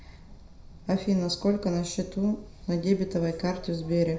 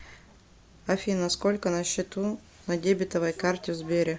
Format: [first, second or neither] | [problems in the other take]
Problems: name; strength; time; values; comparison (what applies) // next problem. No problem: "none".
second | background sound (Bird); 19 dB below the speech // room echo; dies away in 0.5 s